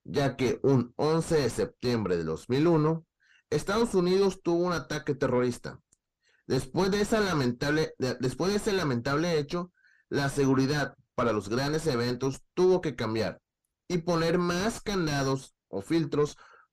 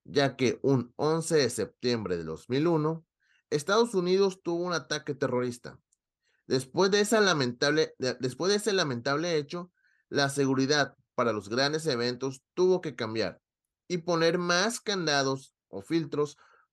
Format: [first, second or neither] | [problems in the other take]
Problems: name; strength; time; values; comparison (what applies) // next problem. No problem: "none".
second | distortion; heavy; 4 dB below the speech